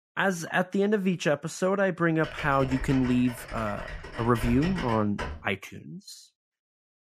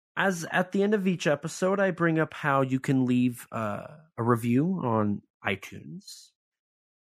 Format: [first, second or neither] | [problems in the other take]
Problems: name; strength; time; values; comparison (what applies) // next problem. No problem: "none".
second | keyboard typing; noticeable; from 2 to 5.5 s; peak 7 dB below the speech